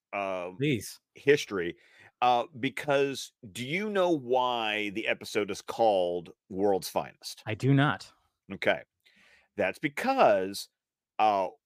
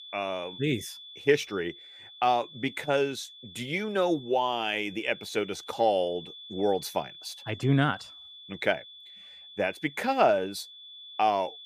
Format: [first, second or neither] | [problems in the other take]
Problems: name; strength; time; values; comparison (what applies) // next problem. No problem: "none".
first | high-pitched whine; noticeable; throughout; 3.5 kHz, 15 dB below the speech